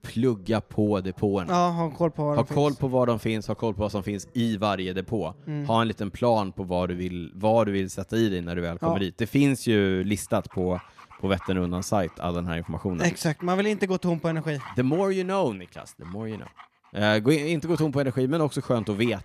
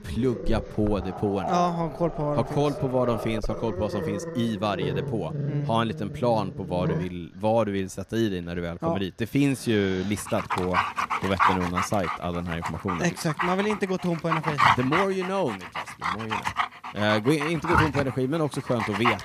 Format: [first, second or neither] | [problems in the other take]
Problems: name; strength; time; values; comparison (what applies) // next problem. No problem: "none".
first | animal sounds; loud; throughout; 2 dB below the speech; faint in the first